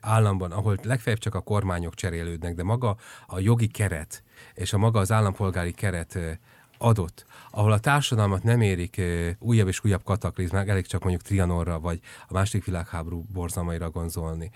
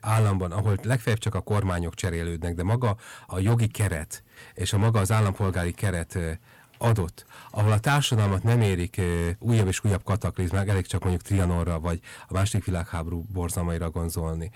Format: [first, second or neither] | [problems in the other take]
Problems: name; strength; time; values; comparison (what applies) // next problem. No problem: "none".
first | distortion; slight; 6% of the sound clipped